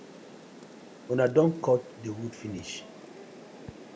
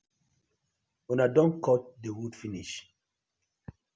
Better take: second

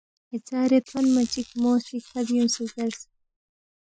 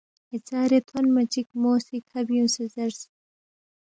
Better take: second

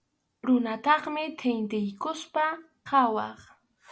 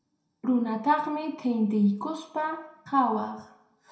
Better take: first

